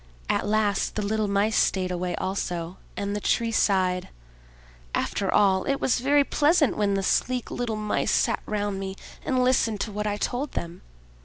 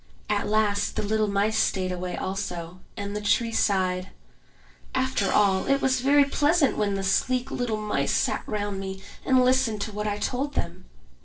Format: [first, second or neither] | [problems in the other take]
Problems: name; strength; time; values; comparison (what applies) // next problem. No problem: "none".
first | noise reduction (neural separator model SepFormer DNS4)